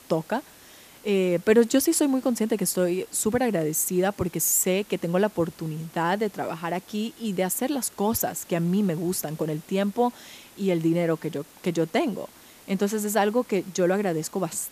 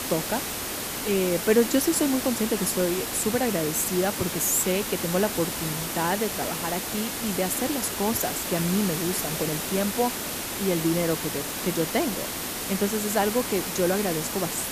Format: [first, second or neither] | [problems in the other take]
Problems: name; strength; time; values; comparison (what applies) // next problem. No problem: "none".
first | hiss; loud; throughout; 2 dB below the speech; faint in the first